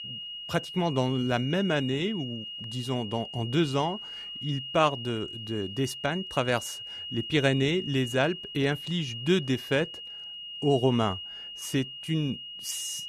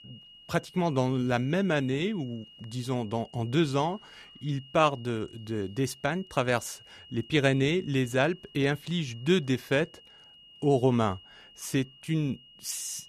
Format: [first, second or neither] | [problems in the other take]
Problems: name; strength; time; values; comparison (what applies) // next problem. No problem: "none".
second | high-pitched whine; loud; throughout; 3 kHz, 8 dB below the speech; faint in the second